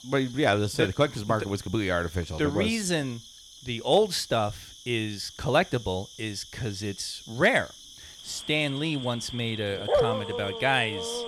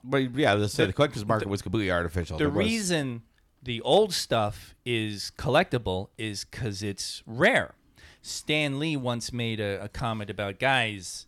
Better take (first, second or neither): second